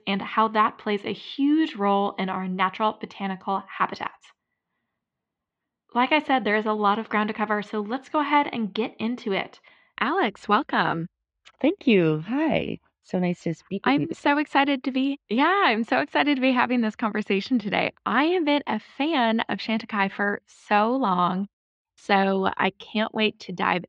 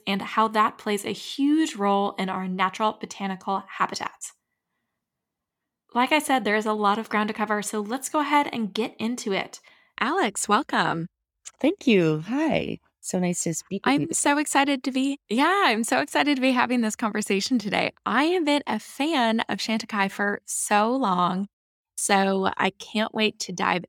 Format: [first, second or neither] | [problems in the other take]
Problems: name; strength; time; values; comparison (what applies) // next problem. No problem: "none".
second | muffled; slightly; fading above 3.5 kHz